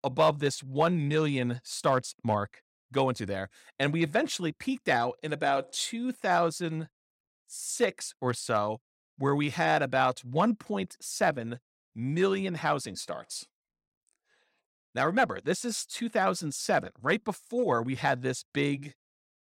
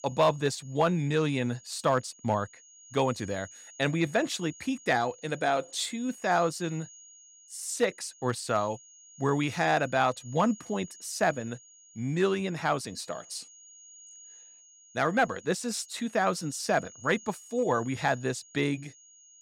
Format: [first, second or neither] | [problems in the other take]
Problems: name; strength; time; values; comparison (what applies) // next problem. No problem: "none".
first | high-pitched whine; faint; throughout; 6.5 kHz, 20 dB below the speech